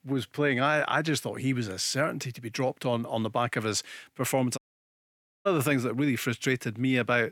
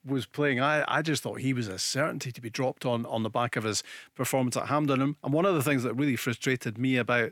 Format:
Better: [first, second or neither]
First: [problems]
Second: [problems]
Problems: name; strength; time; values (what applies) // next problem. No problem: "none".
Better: second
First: audio cutting out; at 4.5 s for 1 s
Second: none